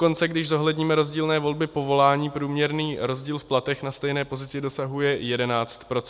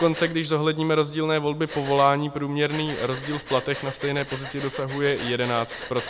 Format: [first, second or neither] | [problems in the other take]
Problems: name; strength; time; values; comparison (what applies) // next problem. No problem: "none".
first | background sound (Breathing); 13 dB below the speech